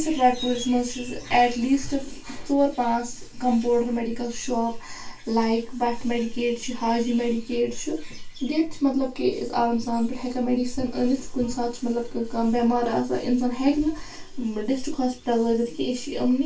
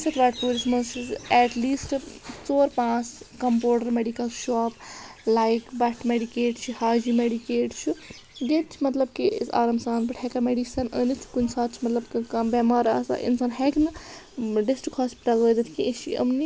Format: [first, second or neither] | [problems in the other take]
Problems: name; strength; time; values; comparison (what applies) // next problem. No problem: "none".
second | room echo; dies away in 0.2 s